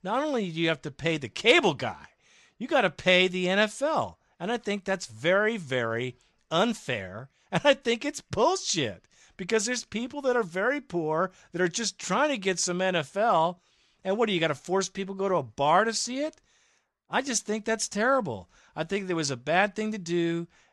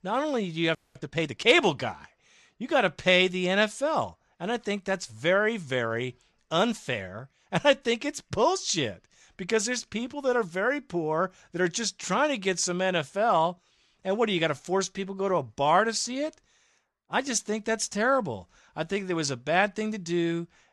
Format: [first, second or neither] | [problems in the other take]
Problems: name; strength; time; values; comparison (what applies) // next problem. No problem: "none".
first | audio freezing; at 1 s